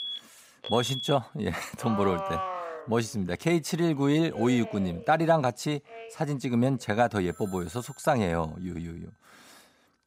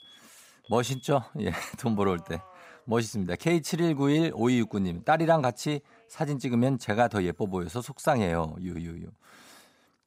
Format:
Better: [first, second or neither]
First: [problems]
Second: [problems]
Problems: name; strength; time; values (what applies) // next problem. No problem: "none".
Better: second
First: alarms or sirens; loud; throughout; 9 dB below the speech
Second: alarms or sirens; faint; throughout; 25 dB below the speech